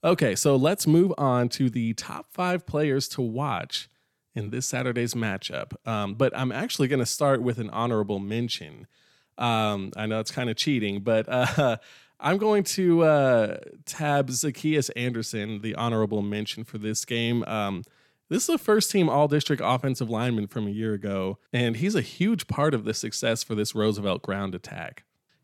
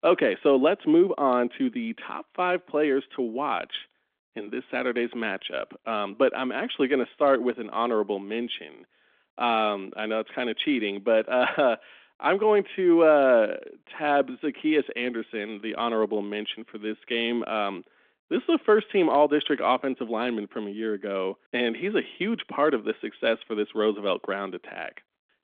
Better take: first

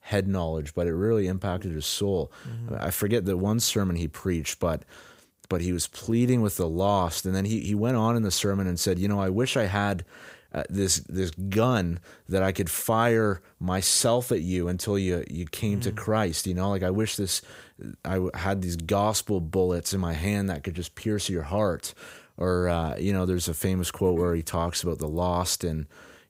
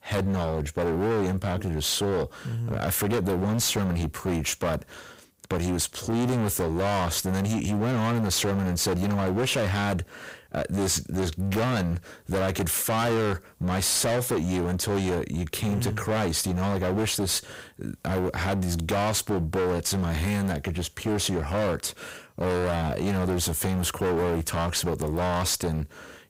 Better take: first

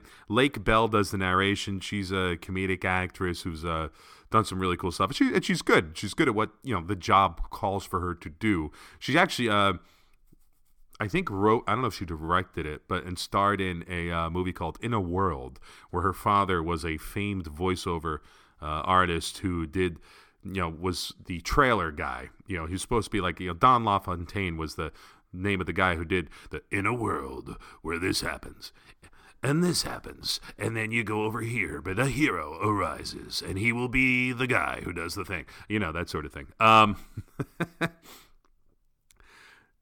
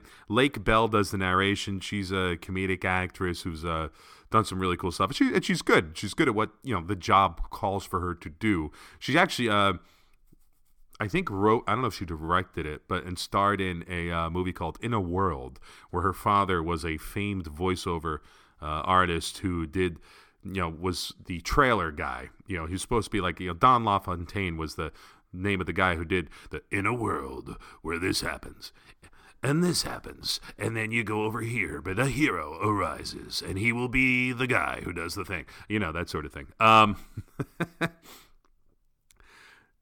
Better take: neither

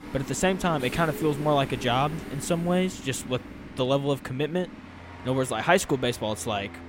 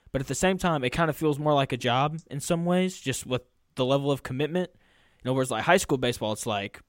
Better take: second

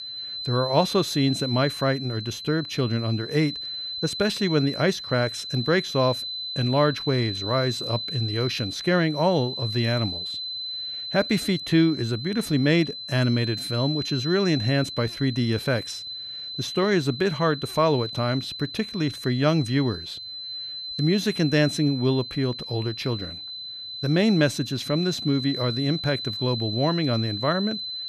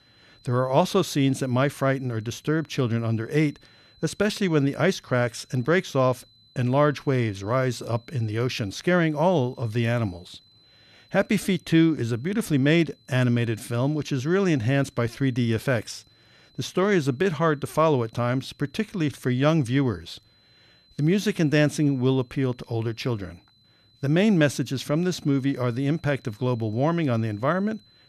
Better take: second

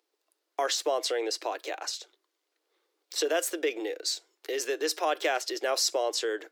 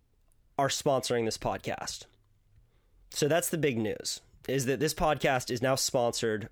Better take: second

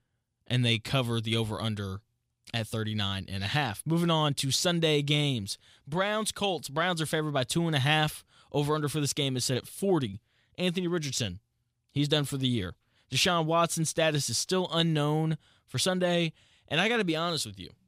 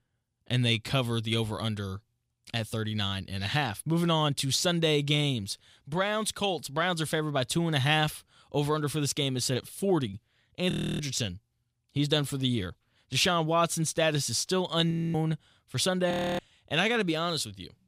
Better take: first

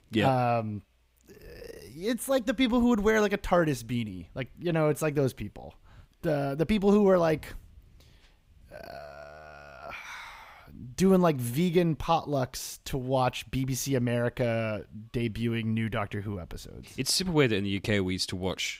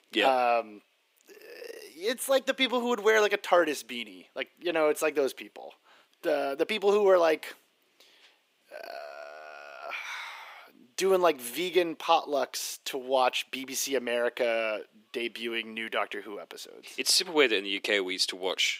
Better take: first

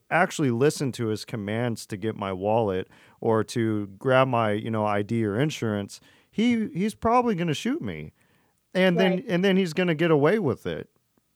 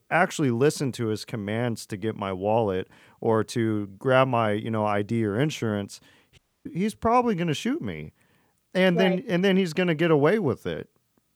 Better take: first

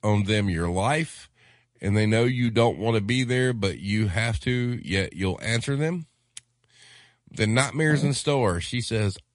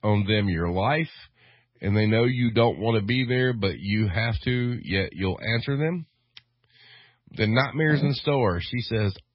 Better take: first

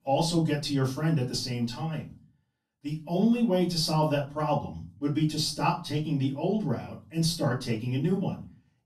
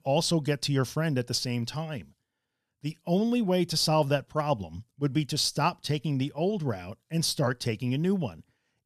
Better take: second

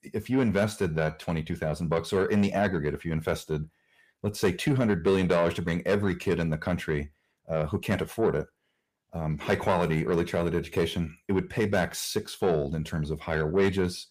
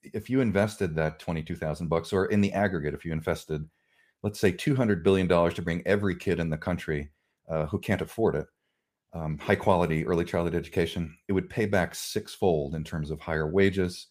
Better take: second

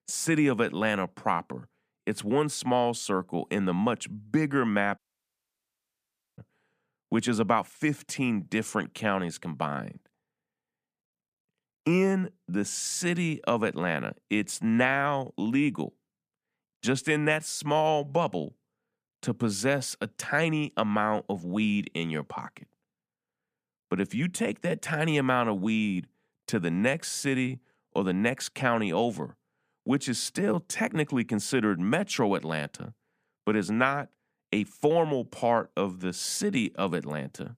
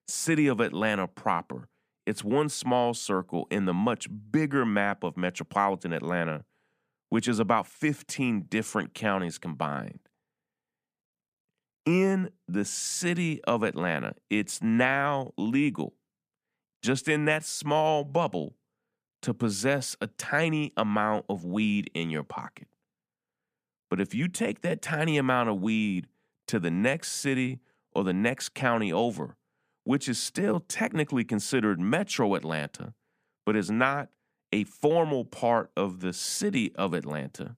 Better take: second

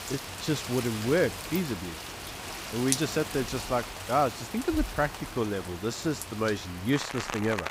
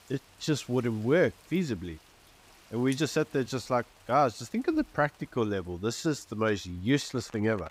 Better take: second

